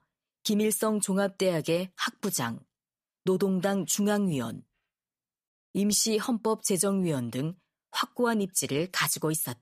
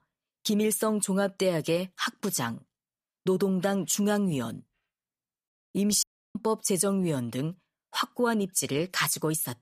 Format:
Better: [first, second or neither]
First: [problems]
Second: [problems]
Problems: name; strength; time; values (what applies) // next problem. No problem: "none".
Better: first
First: none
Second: audio cutting out; at 6 s